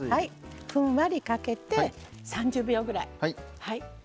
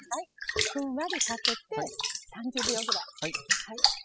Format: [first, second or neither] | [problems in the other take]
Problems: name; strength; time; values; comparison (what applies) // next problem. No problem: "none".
first | noise reduction (classical method spectral subtraction)